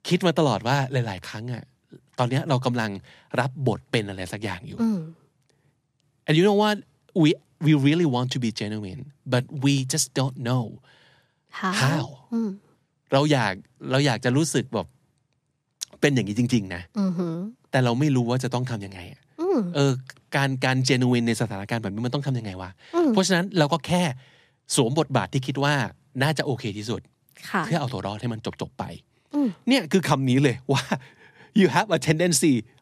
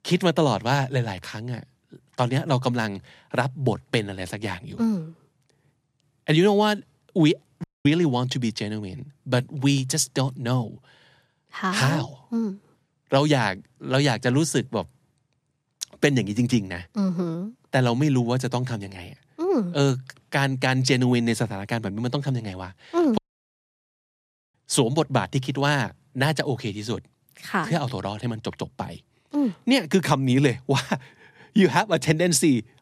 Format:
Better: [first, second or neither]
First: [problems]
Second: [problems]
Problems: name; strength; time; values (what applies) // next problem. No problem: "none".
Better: first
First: none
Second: audio cutting out; at 7.5 s and at 23 s for 1.5 s